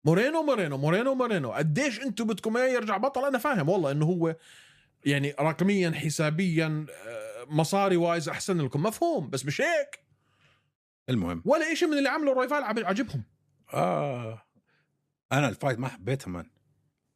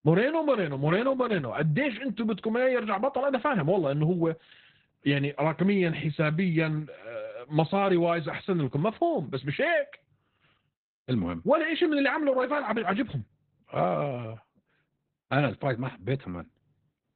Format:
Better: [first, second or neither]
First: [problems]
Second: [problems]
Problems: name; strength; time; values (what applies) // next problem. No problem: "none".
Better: first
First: none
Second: garbled, watery; badly; nothing above 4 kHz